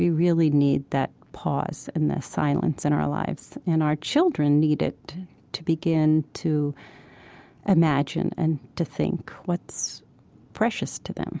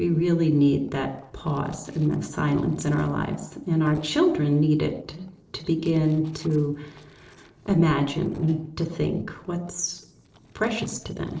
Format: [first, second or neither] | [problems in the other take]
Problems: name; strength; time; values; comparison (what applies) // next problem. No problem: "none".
first | noise reduction (neural separator model SepFormer DNS4)